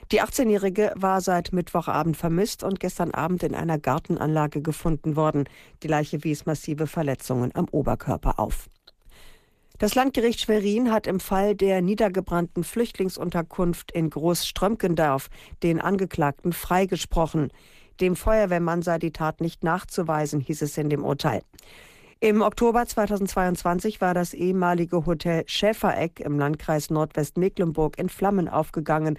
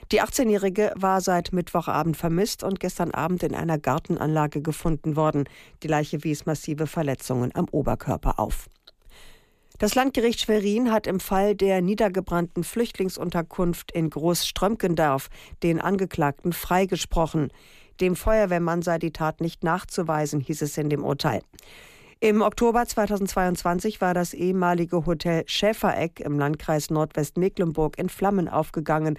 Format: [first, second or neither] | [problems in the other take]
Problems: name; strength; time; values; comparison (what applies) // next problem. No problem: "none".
second | garbled, watery; slightly; nothing above 14.5 kHz